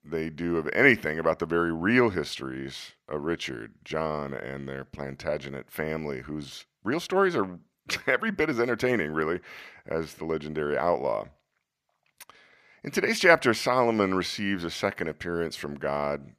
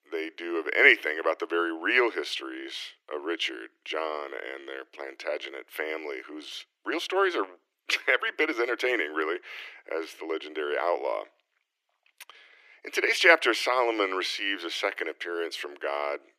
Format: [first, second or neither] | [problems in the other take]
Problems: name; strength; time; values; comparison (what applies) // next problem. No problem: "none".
first | thin; very; fading below 300 Hz